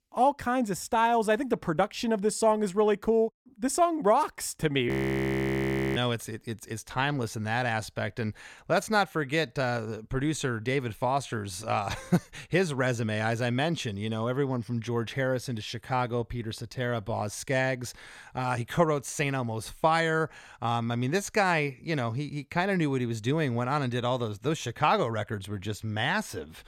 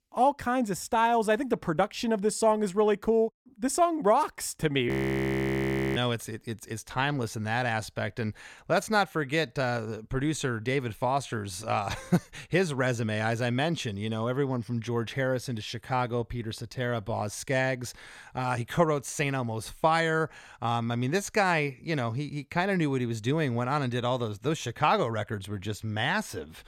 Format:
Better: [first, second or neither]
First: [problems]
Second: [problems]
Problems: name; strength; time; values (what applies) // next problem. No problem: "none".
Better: neither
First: audio freezing; at 5 s for 1 s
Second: audio freezing; at 5 s for 1 s